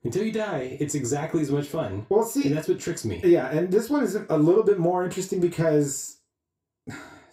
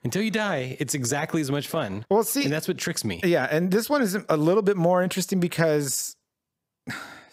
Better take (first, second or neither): second